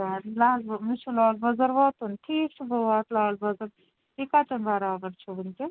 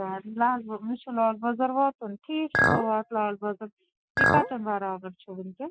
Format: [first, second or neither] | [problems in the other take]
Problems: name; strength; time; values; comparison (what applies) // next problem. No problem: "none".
first | noise reduction (classical method Wiener filter)